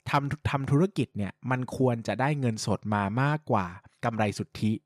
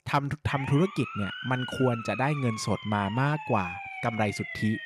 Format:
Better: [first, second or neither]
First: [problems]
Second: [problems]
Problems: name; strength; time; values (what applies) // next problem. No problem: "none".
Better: first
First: none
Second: siren; noticeable; peak 7 dB below the speech